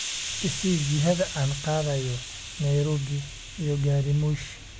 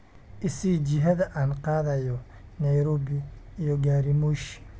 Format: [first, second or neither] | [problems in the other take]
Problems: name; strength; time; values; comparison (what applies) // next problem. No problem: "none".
second | background sound (Hiss); 10 dB below the speech